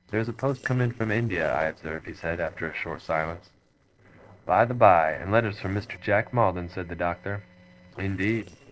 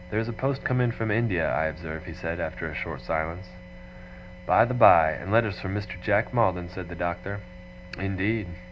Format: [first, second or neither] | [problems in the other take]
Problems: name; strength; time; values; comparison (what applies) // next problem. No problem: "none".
second | noise reduction (neural separator model SepFormer DNS4)